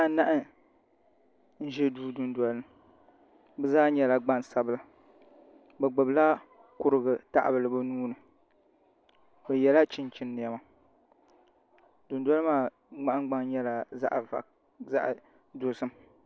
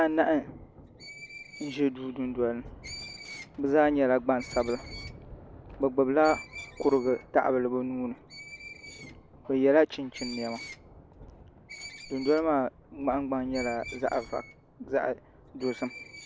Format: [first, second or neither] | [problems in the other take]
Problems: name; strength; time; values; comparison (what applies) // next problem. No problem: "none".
first | background sound (Screech + Thunder); 16 dB below the speech